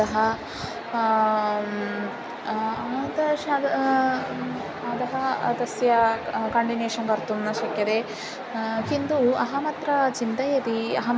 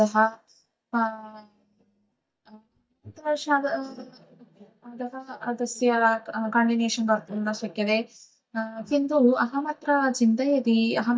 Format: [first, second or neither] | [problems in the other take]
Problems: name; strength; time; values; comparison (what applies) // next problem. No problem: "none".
first | noise reduction (neural mask model DeepFilterNet 3)